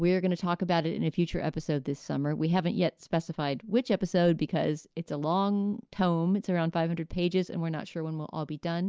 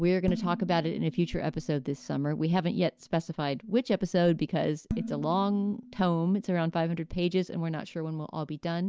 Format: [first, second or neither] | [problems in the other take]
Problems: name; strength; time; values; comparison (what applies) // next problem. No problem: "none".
first | background sound (Dishes, pots, and pans); 14 dB below the speech